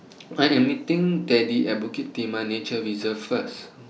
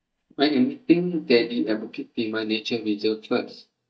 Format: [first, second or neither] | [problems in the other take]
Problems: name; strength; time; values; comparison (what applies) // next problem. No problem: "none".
first | noise reduction (neural mask model DeepFilterNet 3)